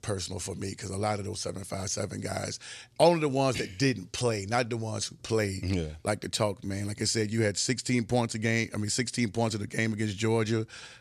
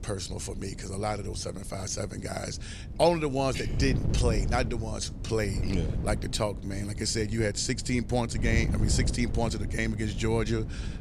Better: first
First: none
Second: wind noise on the microphone; occasional gusts; 15 dB below the speech

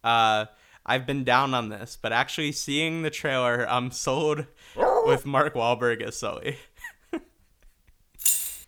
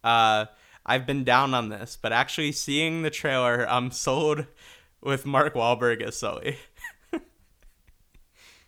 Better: second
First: dog barking; loud; at 5 s; peak 4 dB above the speech // jangling keys; loud; at 8 s; peak 4 dB above the speech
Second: none

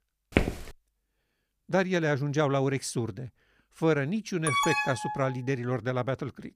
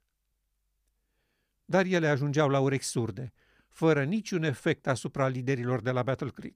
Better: second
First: footsteps; loud; at 0.5 s; peak 1 dB above the speech // alarm; loud; at 4.5 s; peak 3 dB above the speech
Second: none

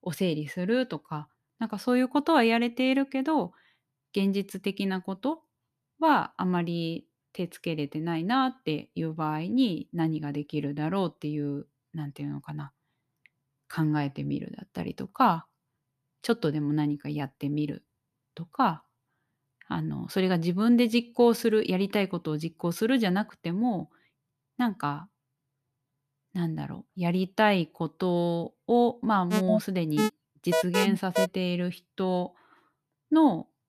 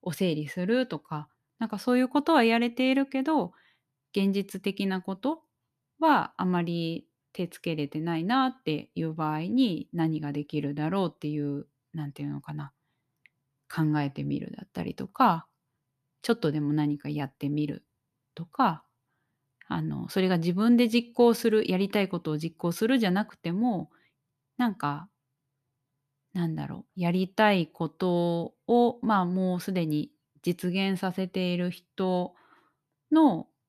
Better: second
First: alarm; loud; from 29 to 31 s; peak 2 dB above the speech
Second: none

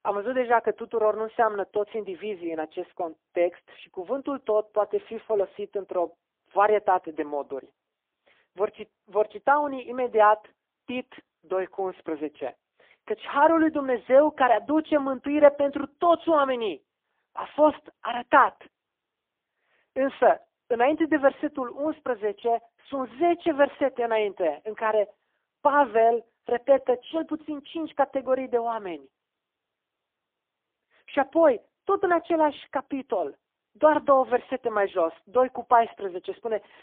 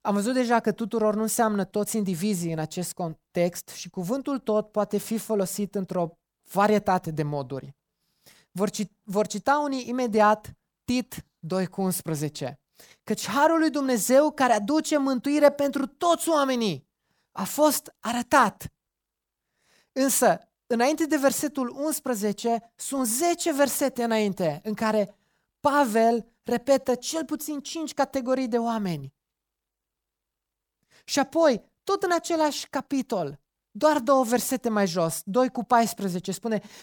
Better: second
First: phone-call audio; poor line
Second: none

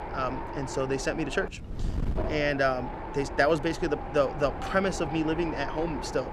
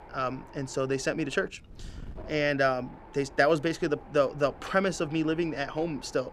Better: second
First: wind noise on the microphone; heavy; 8 dB below the speech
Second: wind noise on the microphone; occasional gusts; 20 dB below the speech

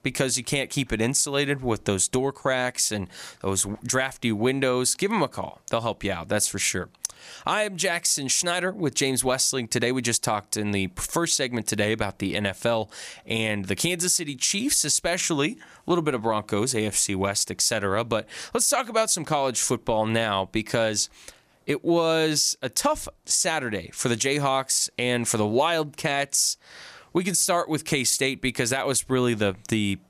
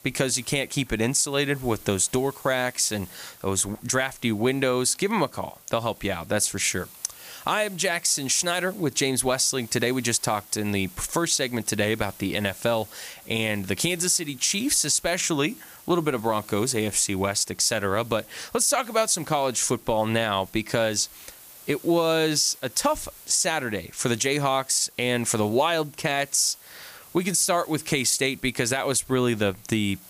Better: first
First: none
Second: hiss; faint; throughout; 20 dB below the speech

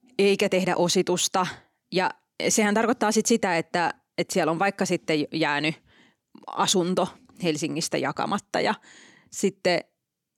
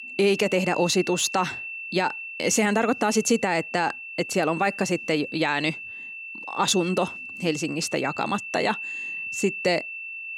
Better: first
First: none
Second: high-pitched whine; loud; throughout; 2.5 kHz, 9 dB below the speech

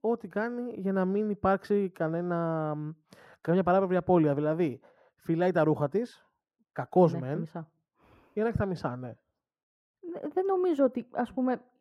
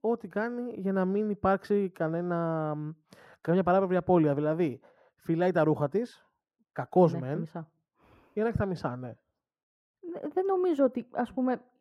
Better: neither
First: muffled; very; fading above 2 kHz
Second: muffled; very; fading above 2 kHz

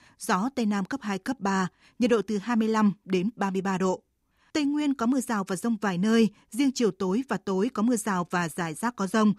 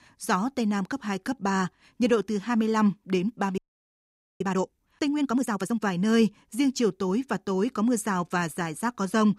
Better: first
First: none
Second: audio freezing; at 3.5 s for 1 s

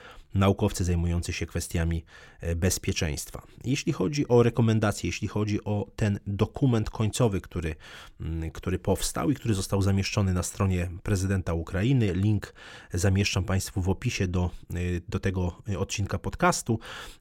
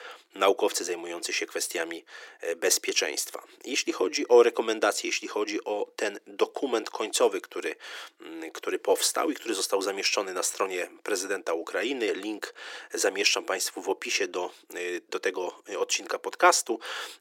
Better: first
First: none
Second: thin; very; fading below 350 Hz

